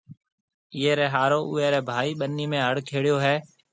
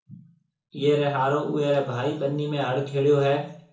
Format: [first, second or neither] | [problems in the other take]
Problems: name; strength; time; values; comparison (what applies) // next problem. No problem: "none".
first | room echo; dies away in 0.7 s